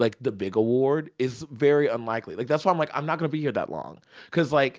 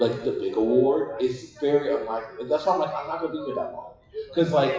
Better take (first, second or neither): first